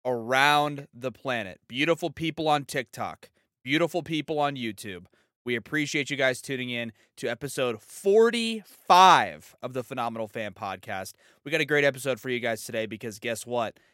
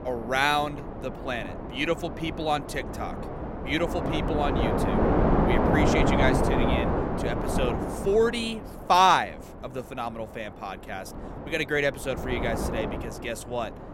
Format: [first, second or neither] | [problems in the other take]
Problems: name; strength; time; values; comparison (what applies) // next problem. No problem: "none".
first | wind noise on the microphone; heavy; 3 dB below the speech